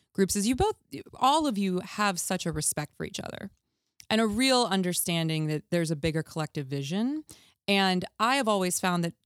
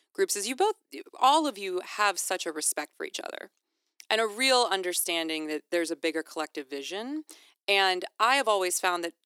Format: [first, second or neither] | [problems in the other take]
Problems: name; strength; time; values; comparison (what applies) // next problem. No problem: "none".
first | thin; very; fading below 300 Hz